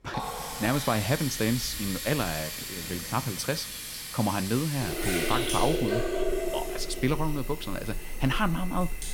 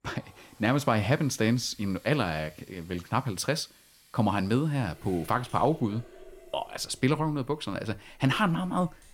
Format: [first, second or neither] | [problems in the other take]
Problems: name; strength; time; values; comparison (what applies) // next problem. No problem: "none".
second | household noises; loud; throughout; 3 dB below the speech; faint in the second